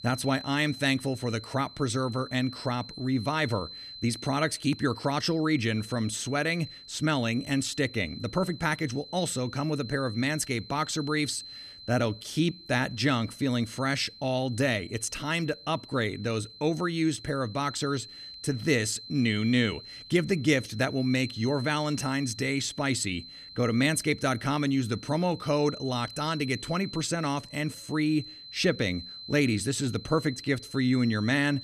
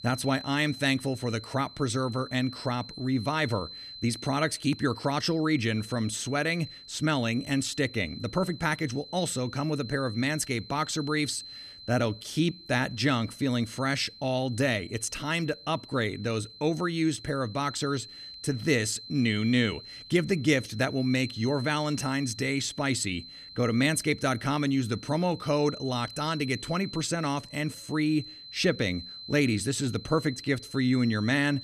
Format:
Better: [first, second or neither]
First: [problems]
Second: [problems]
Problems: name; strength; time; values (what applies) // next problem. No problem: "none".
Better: neither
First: high-pitched whine; noticeable; throughout; 4 kHz, 15 dB below the speech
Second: high-pitched whine; noticeable; throughout; 4 kHz, 15 dB below the speech